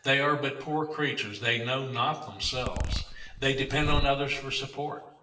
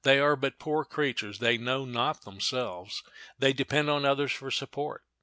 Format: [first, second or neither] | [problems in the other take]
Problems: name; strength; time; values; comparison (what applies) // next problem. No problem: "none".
second | background sound (Zipper (clothing)); 3 dB below the speech // room echo; dies away in 0.8 s